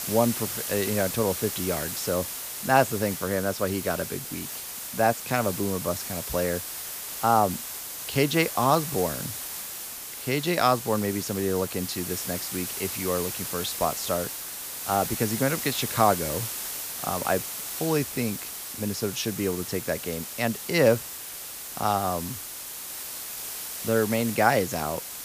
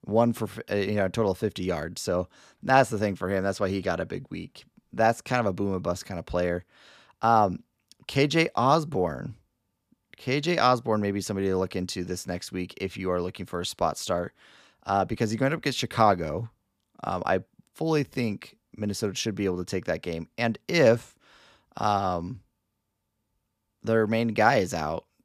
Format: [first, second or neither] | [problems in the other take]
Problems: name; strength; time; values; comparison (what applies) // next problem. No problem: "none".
second | hiss; loud; throughout; 5 dB below the speech